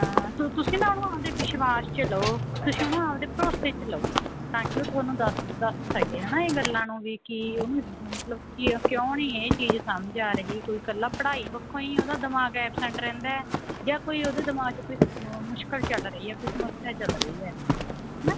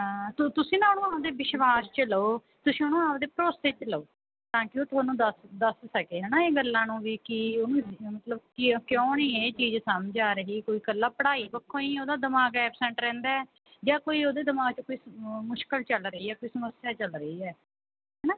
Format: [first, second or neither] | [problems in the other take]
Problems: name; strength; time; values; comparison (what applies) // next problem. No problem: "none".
second | background sound (Walk, footsteps); 1 dB below the speech